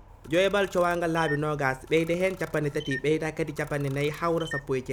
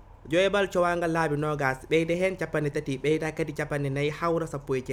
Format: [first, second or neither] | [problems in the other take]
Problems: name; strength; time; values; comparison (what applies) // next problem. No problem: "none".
second | background sound (Camera); 16 dB below the speech